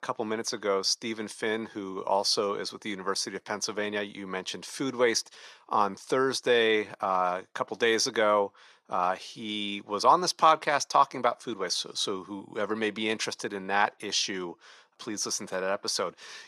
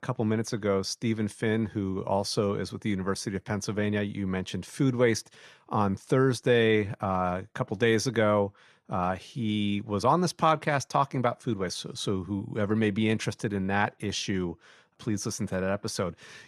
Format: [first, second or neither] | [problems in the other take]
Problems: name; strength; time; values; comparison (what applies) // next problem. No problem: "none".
second | thin; somewhat; fading below 350 Hz